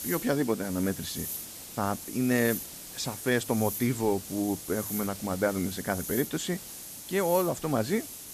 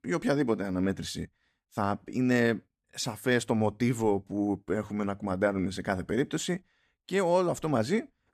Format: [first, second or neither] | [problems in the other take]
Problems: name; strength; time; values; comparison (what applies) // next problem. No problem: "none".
second | hiss; loud; throughout; 8 dB below the speech